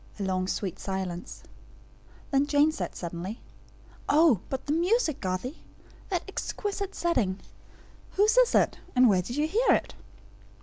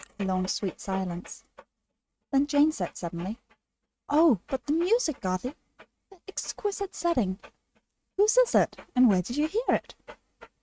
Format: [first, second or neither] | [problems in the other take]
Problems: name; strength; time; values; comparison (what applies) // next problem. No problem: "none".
first | noise reduction (neural mask model RNNoise)